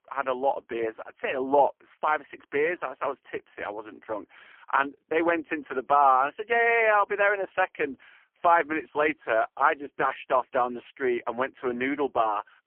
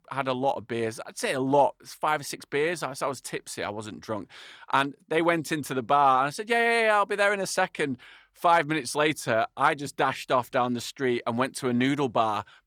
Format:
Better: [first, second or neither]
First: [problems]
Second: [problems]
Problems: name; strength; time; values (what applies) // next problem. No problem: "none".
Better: second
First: phone-call audio; poor line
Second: none